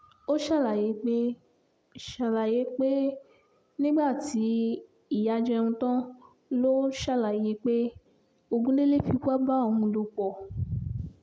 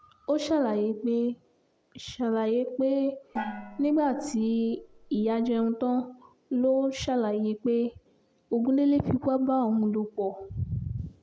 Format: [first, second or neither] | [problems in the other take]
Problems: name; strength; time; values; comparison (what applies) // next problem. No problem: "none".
first | background sound (Gong); 13 dB below the speech